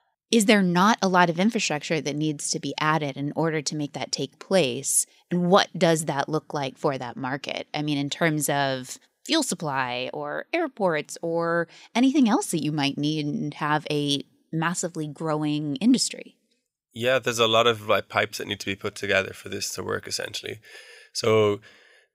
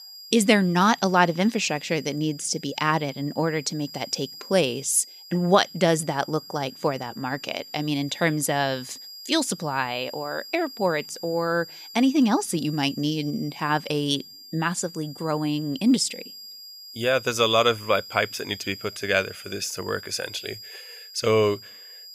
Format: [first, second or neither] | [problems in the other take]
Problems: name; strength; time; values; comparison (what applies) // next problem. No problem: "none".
first | high-pitched whine; noticeable; throughout; 5 kHz, 15 dB below the speech